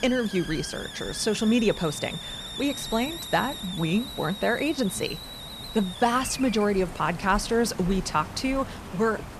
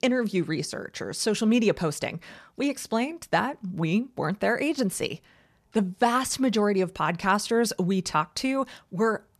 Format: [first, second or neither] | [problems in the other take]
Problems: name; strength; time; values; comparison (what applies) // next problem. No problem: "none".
second | hiss; loud; throughout; 10 dB below the speech